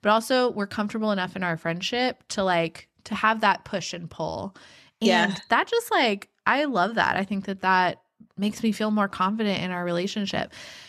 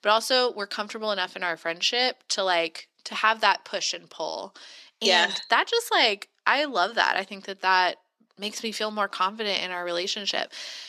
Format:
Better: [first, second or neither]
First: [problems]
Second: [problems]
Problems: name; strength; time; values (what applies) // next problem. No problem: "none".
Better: first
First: none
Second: thin; somewhat; fading below 350 Hz